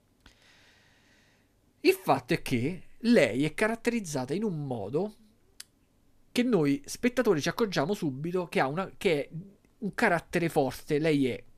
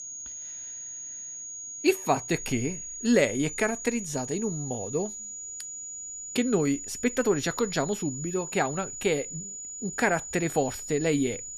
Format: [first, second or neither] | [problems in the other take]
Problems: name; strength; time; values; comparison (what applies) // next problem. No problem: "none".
first | high-pitched whine; loud; throughout; 7 kHz, 8 dB below the speech